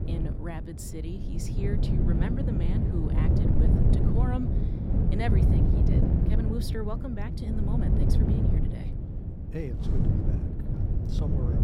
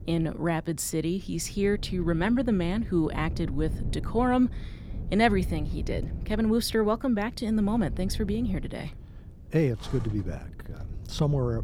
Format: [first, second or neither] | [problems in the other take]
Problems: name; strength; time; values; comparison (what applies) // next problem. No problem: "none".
second | wind noise on the microphone; heavy; 3 dB above the speech; occasional gusts in the second